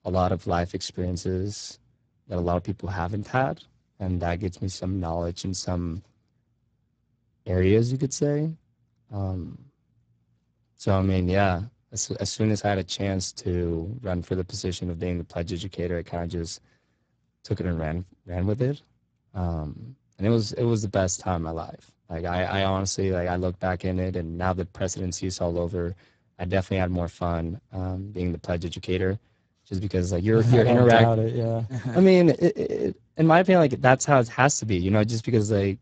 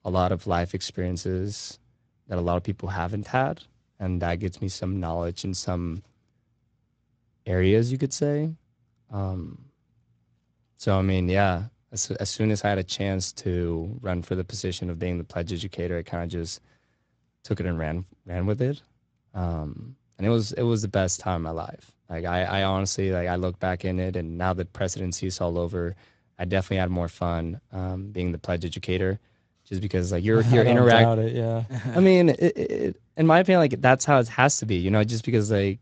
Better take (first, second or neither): second